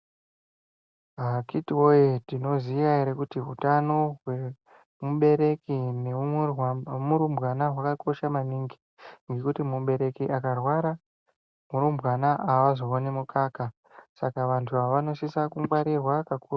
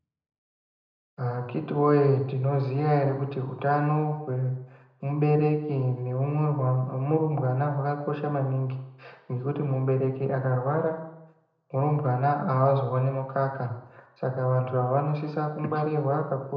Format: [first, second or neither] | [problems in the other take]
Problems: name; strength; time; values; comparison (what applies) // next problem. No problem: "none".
first | room echo; dies away in 0.8 s